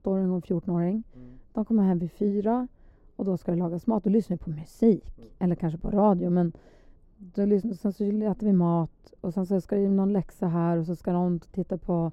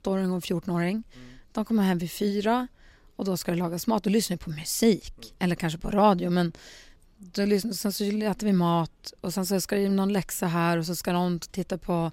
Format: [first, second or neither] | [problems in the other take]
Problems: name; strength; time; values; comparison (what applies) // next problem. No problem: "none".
second | muffled; very; fading above 1.5 kHz